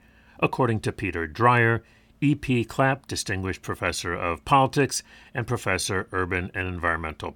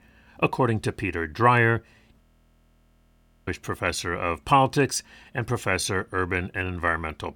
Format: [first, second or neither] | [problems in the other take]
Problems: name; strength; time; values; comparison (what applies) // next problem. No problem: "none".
first | audio freezing; at 2 s for 1.5 s